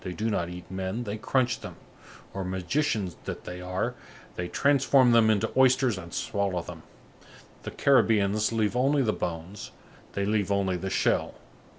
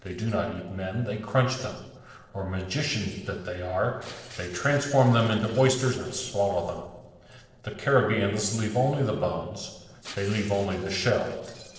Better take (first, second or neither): first